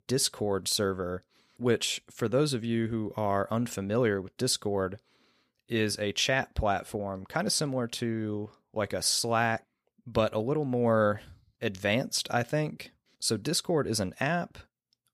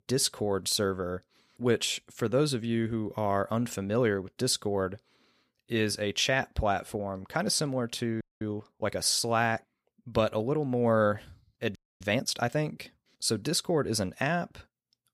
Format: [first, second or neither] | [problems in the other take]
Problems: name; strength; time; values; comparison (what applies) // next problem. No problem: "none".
first | audio freezing; at 8 s and at 12 s